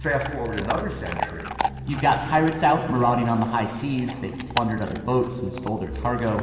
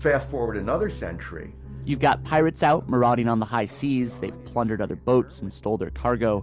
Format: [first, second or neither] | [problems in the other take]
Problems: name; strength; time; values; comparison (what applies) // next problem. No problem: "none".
second | background sound (Chewing, mastication / Dog); 11 dB below the speech // room echo; dies away in 1.6 s